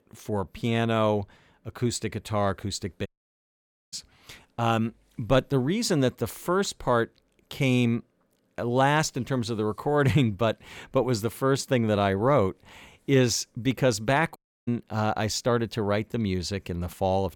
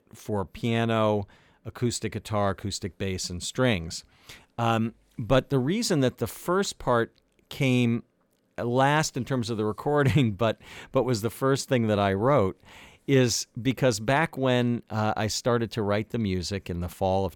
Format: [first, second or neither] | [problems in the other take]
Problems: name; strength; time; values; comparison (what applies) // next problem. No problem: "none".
second | audio cutting out; at 3 s for 1 s and at 14 s